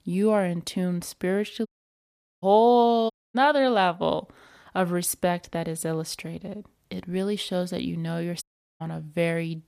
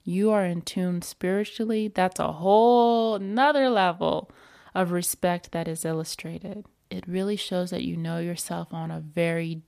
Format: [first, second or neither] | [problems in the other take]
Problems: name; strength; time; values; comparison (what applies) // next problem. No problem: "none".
second | audio cutting out; at 1.5 s for 1 s, at 3 s and at 8.5 s